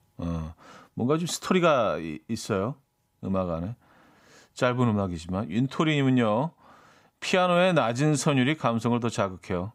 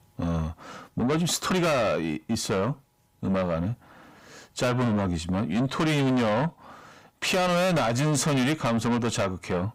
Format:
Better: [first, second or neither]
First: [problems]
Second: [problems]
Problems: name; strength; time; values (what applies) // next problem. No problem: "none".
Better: first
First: none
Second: distortion; heavy; 5 dB below the speech